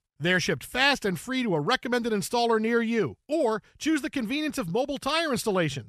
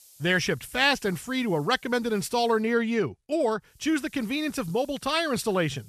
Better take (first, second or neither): first